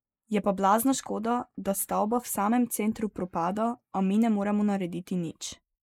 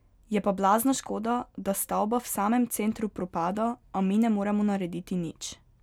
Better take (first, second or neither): second